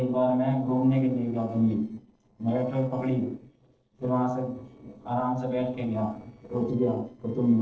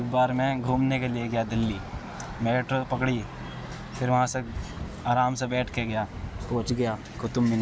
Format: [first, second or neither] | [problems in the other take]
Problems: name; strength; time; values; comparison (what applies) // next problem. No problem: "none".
second | noise reduction (neural separator model SepFormer DNS4)